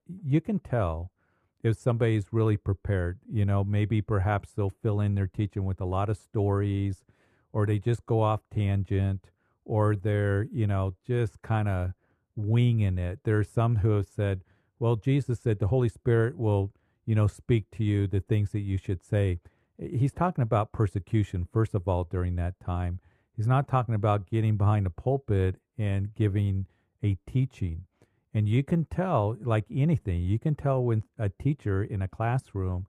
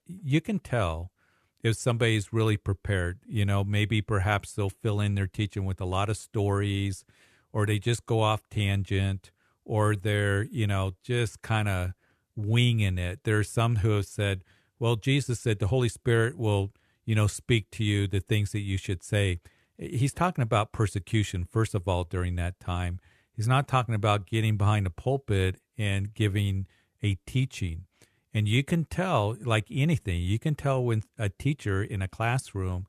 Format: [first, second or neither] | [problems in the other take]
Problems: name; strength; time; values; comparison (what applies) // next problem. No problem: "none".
second | muffled; slightly; fading above 2 kHz